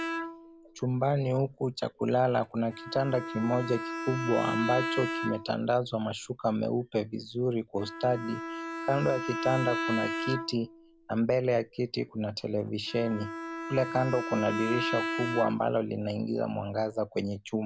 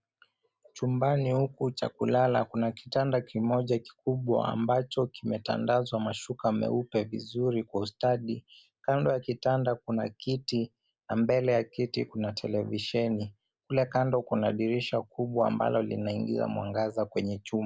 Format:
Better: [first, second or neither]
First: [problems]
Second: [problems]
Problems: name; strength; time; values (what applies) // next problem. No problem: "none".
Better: second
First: background sound (Bowed string instrument); 7 dB below the speech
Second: none